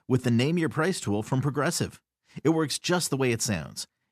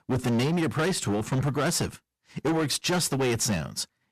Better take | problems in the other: first | distortion; heavy; 20% of the sound clipped

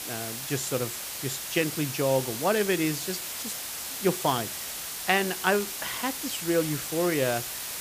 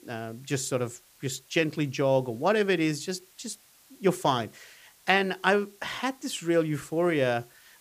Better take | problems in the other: second | hiss; loud; throughout; 4 dB below the speech; faint in the second

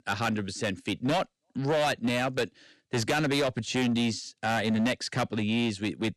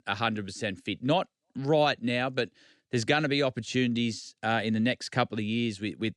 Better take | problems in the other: second | distortion; heavy; 13% of the sound clipped

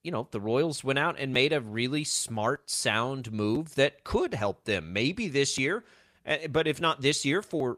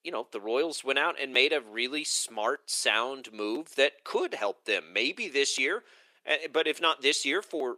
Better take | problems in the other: first | thin; somewhat; fading below 350 Hz

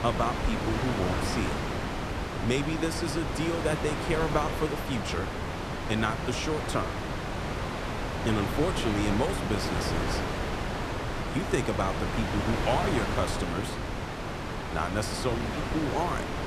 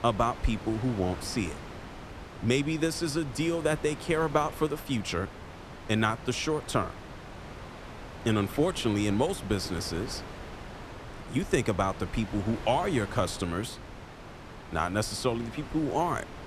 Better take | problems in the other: second | wind noise on the microphone; heavy; as loud as the speech; occasional gusts in the second

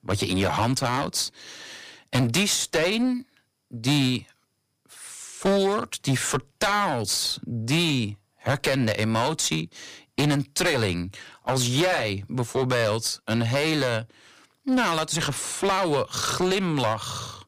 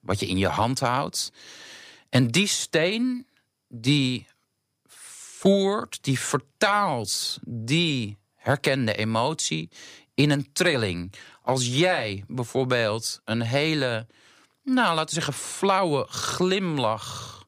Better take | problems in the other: second | distortion; heavy; 11% of the sound clipped

